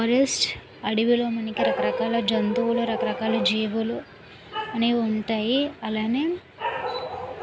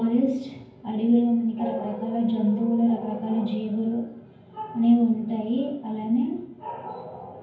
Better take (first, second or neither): first